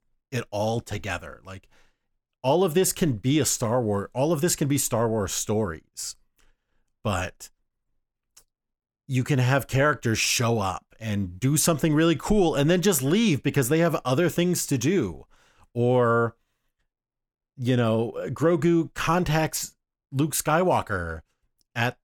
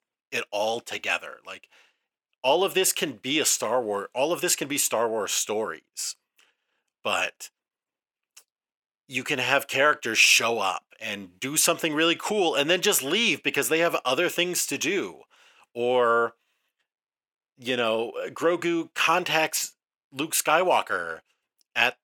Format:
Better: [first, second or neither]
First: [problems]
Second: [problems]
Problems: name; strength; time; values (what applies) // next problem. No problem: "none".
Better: first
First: none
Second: thin; somewhat; fading below 450 Hz